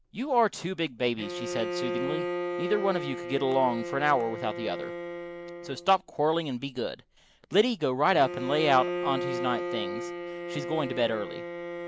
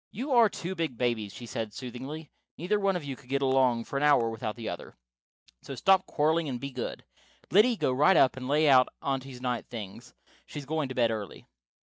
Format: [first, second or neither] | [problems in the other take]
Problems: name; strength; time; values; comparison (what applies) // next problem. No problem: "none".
second | background sound (Bowed string instrument); 6 dB below the speech